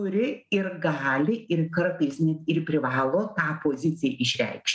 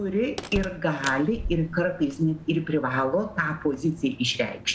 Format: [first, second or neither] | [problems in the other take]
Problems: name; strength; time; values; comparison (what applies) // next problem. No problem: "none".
first | background sound (Slam); 13 dB below the speech